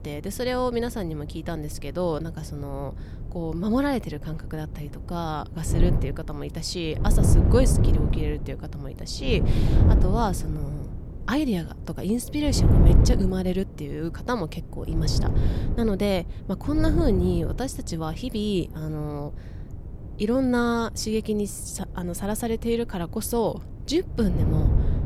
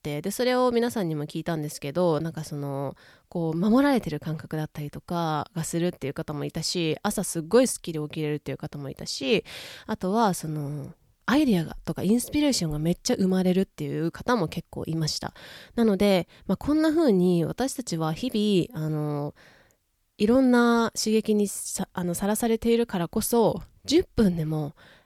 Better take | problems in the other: second | wind noise on the microphone; heavy; 6 dB below the speech

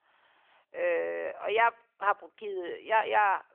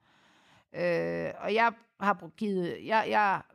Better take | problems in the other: second | phone-call audio; nothing above 3 kHz

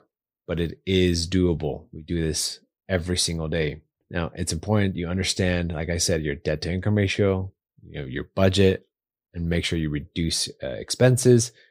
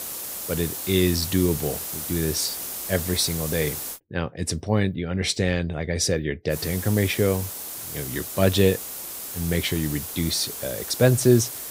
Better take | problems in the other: first | hiss; loud; until 4 s and from 6.5 s on; 6 dB below the speech

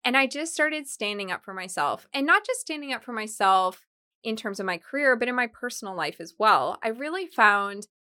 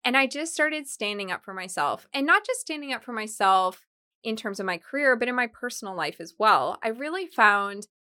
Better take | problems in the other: neither | none

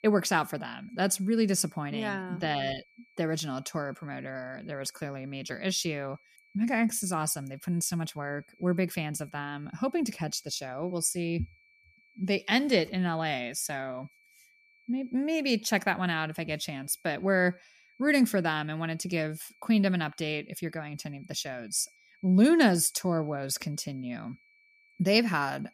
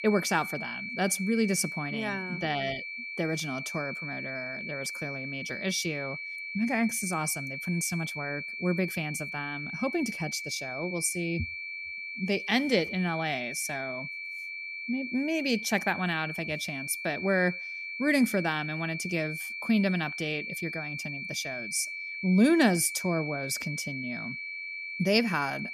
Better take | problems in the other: first | high-pitched whine; loud; throughout; 2.5 kHz, 5 dB below the speech; faint in the first

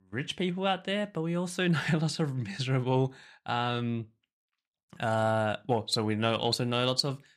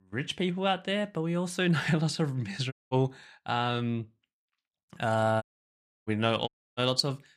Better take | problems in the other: first | audio cutting out; at 2.5 s, at 5.5 s for 0.5 s and at 6.5 s

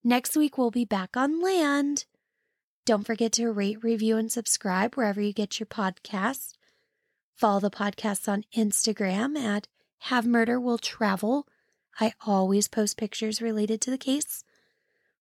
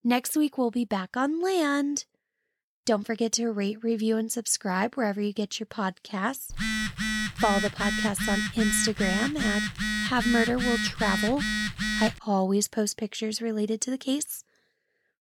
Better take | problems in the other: first | phone ringing; noticeable; from 6.5 to 12 s; peak level with the speech

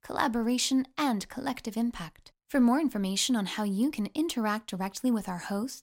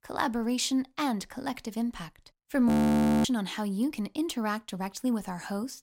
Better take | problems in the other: first | audio freezing; at 2.5 s for 0.5 s

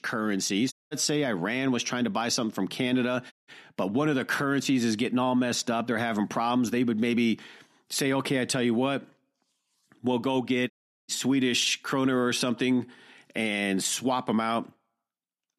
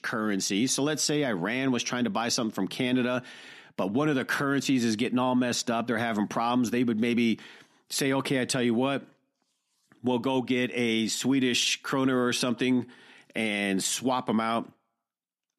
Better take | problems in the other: second | audio cutting out; at 0.5 s, at 3.5 s and at 11 s

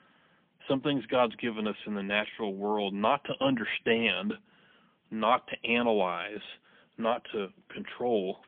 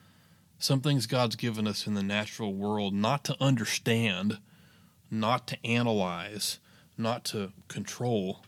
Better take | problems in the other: second | phone-call audio; poor line; nothing above 3.5 kHz

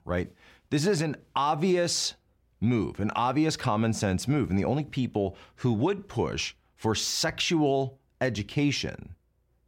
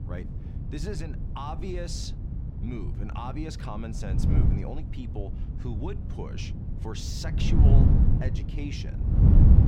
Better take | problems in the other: first | wind noise on the microphone; heavy; as loud as the speech

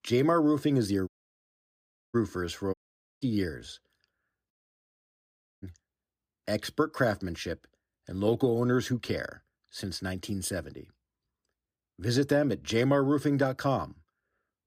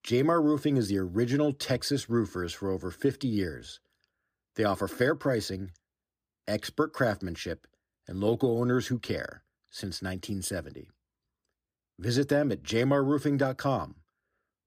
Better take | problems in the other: second | audio cutting out; at 1 s for 1 s, at 2.5 s and at 4.5 s for 1 s

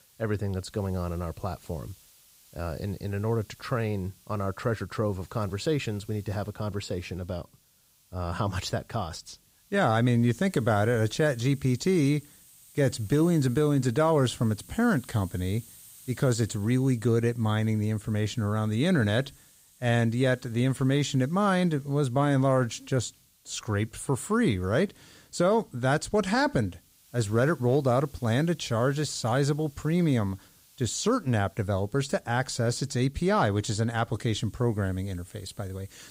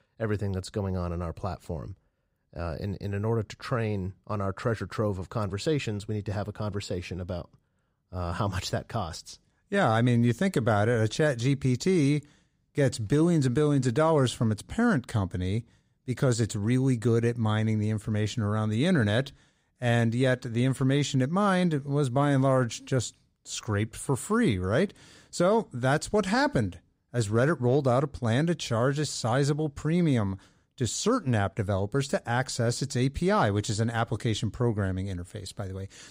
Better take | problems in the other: second | hiss; faint; throughout; 25 dB below the speech

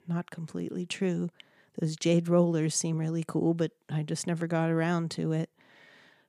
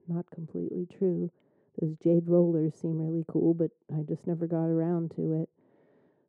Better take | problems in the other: first | muffled; very; fading above 1.5 kHz

